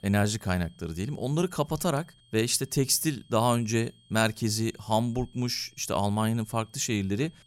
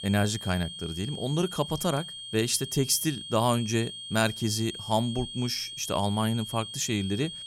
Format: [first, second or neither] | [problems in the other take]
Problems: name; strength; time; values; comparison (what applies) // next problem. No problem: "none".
first | high-pitched whine; loud; throughout; 3 kHz, 9 dB below the speech; faint in the first